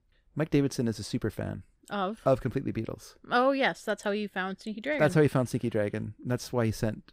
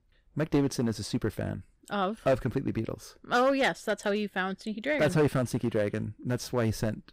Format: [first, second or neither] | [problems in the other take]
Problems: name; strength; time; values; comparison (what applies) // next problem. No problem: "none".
first | distortion; slight; 4% of the sound clipped